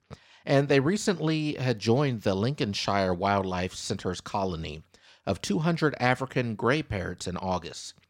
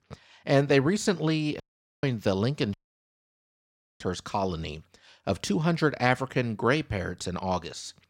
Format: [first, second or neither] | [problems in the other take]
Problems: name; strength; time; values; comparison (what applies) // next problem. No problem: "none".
first | audio cutting out; at 1.5 s and at 2.5 s for 1.5 s